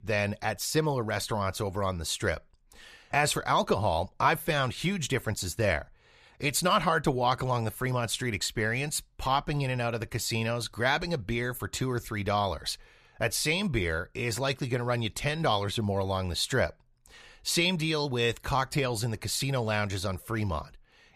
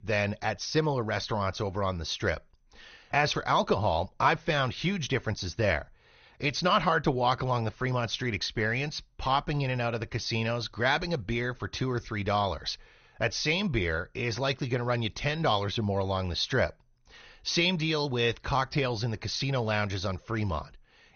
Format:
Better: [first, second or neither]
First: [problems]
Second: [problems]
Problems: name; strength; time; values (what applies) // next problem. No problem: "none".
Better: first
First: none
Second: garbled, watery; slightly; nothing above 6.5 kHz